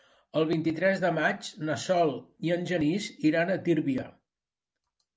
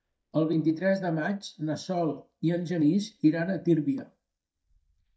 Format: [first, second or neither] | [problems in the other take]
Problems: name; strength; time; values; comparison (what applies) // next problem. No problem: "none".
first | noise reduction (neural mask model DeepFilterNet 3)